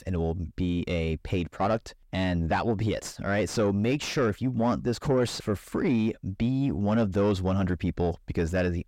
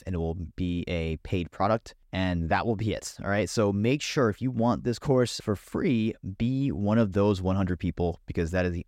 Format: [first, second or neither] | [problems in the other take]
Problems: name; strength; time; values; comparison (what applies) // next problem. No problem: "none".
second | distortion; slight; 10 dB below the speech